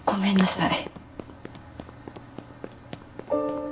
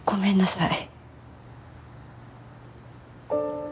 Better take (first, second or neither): second